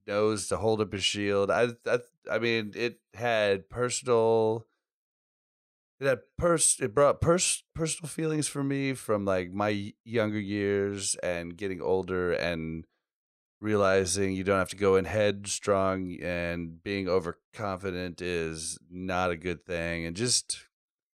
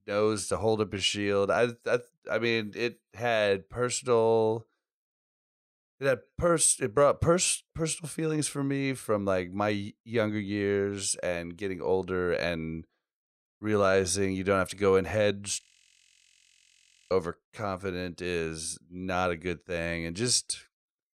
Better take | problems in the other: first | audio freezing; at 16 s for 1.5 s

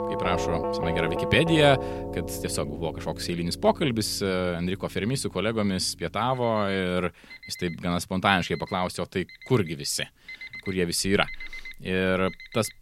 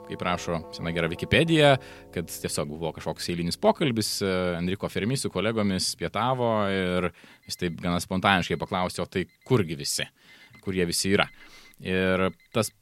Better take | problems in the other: second | alarms or sirens; loud; throughout; 9 dB below the speech; faint in the second

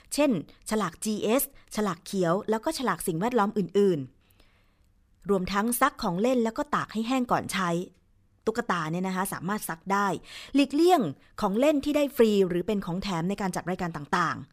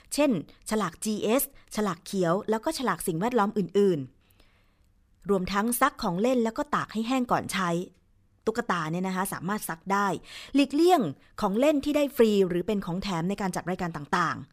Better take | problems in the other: neither | none

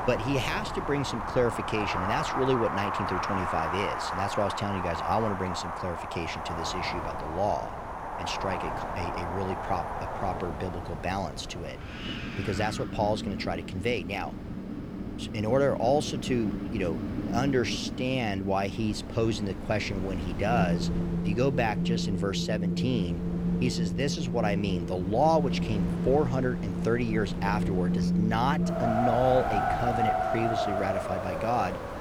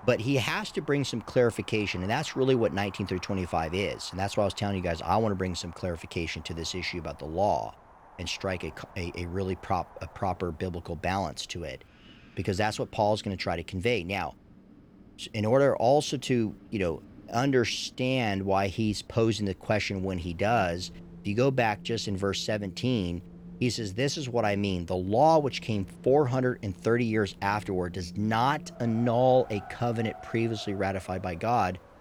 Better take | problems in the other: second | wind in the background; loud; throughout; 2 dB below the speech; faint in the second

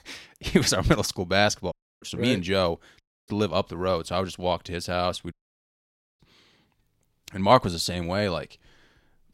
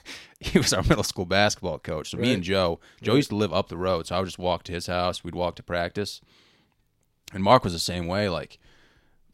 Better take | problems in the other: second | audio cutting out; at 1.5 s, at 3 s and at 5.5 s for 1 s

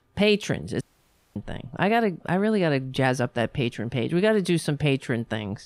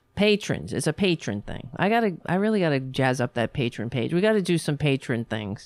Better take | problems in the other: second | audio cutting out; at 1 s for 0.5 s

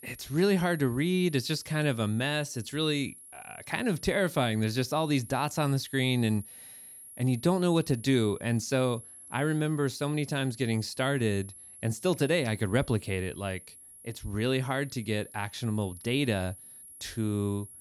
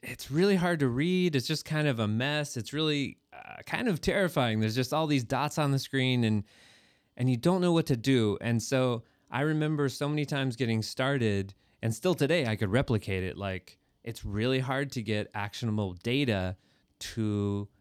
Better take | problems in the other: second | high-pitched whine; noticeable; throughout; 11 kHz, 15 dB below the speech

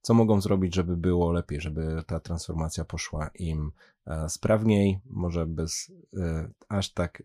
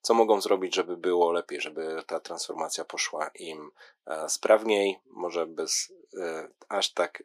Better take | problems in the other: first | thin; very; fading below 350 Hz

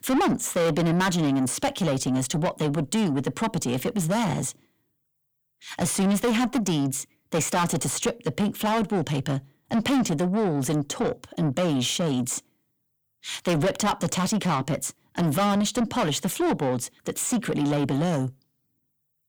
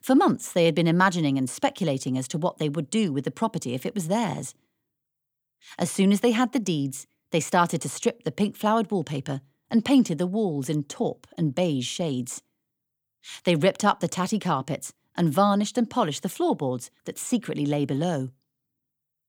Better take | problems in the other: second | distortion; heavy; 6 dB below the speech

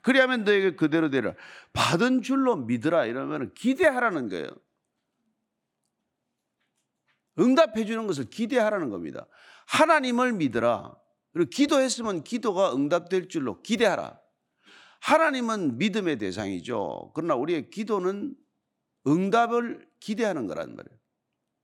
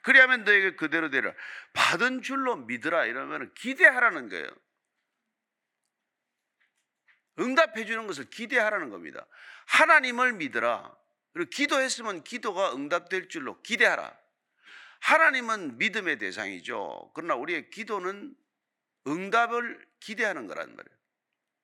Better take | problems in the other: first | thin; somewhat; fading below 600 Hz

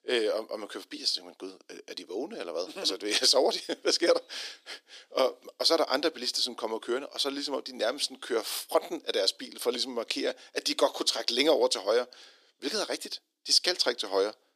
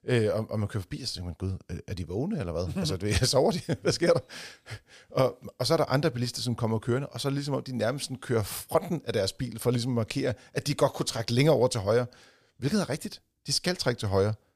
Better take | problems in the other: second | thin; somewhat; fading below 300 Hz

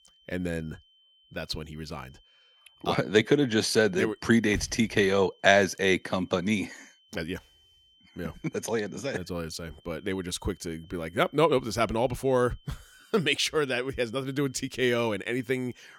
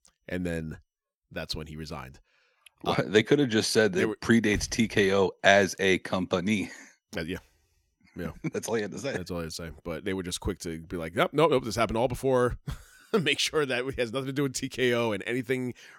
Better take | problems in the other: second | high-pitched whine; faint; throughout; 3 kHz, 30 dB below the speech

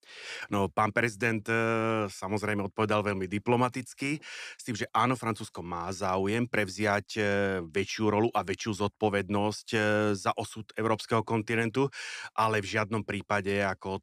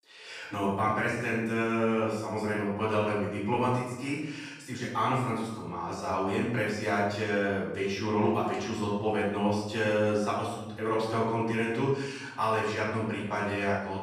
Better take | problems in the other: first | off-mic speech; far // room echo; noticeable; dies away in 0.8 s

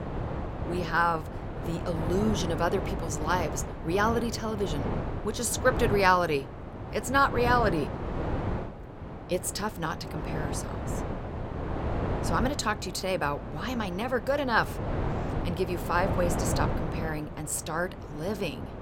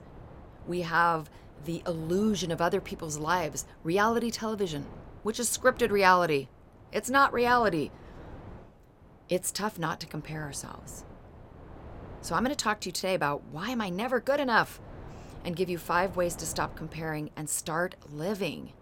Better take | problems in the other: second | wind noise on the microphone; heavy; 9 dB below the speech; occasional gusts in the second

